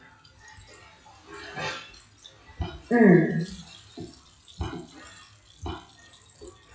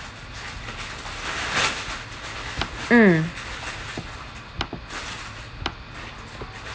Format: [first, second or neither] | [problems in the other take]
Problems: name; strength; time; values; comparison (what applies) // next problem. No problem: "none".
second | noise reduction (classical method WPE with log-MMSE)